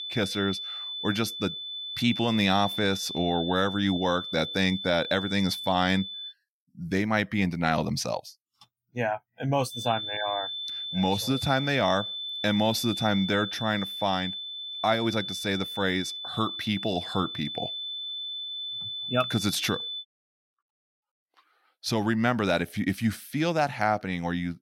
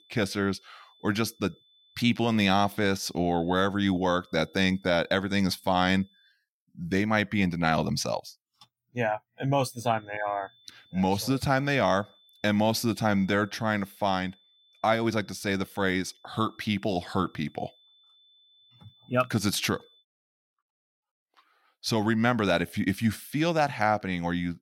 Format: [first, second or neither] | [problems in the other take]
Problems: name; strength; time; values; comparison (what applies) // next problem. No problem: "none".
second | high-pitched whine; loud; until 6.5 s and from 9.5 to 20 s; 3.5 kHz, 5 dB below the speech; faint in the second